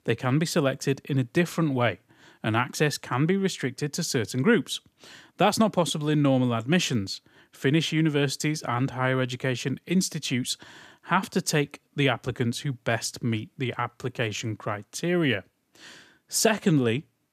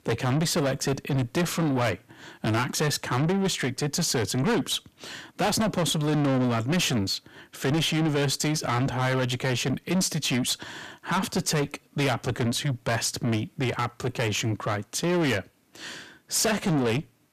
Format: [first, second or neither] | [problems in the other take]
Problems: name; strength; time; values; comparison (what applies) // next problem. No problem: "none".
first | distortion; heavy; 6 dB below the speech